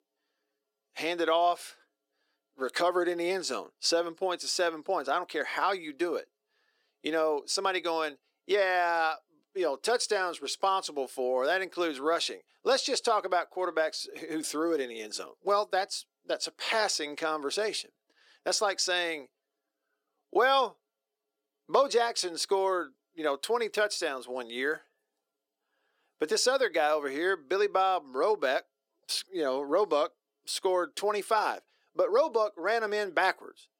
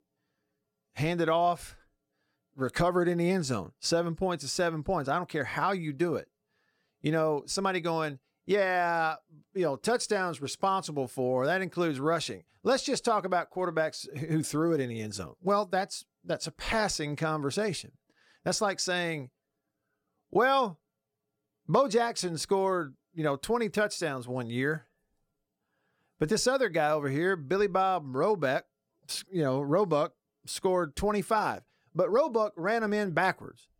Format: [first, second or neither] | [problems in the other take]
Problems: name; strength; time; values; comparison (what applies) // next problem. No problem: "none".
second | thin; somewhat; fading below 350 Hz